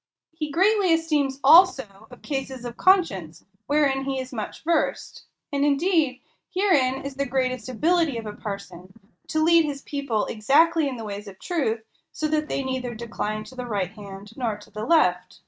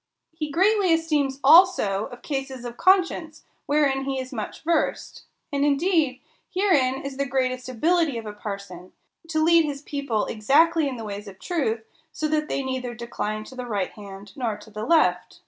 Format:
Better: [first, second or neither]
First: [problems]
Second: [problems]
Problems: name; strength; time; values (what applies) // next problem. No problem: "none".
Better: second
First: noise reduction (neural mask model RNNoise)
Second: none